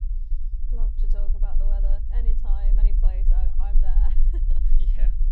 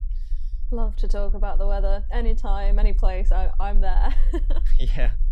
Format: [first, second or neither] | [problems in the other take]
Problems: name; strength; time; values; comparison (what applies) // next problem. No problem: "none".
second | low rumble; loud; throughout; 3 dB below the speech; faint in the second